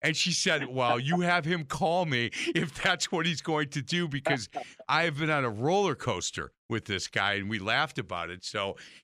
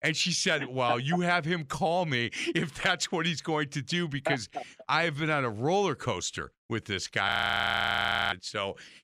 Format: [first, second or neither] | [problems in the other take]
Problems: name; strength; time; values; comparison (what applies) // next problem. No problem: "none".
first | audio freezing; at 7.5 s for 1 s